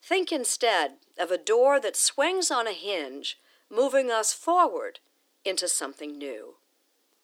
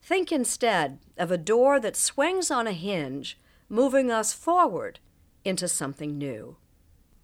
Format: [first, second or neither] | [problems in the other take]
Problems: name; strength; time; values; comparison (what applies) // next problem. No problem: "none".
second | thin; somewhat; fading below 300 Hz